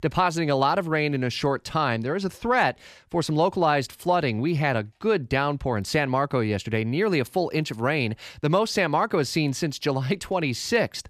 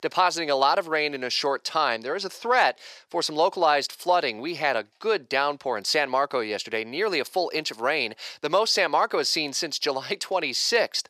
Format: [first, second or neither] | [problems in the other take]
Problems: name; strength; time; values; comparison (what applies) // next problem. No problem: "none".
first | thin; very; fading below 550 Hz